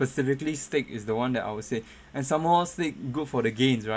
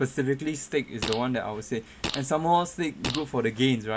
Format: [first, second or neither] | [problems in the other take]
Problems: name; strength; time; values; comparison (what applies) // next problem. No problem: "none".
first | background sound (Fart); 10 dB below the speech